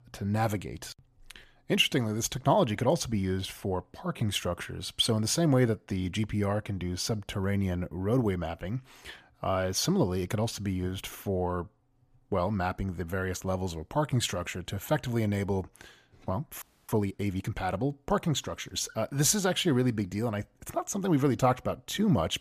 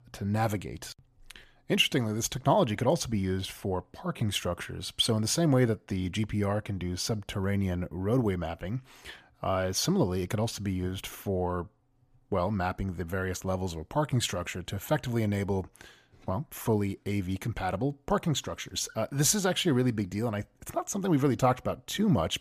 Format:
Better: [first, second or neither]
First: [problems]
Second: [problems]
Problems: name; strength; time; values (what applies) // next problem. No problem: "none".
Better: second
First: audio freezing; at 17 s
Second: none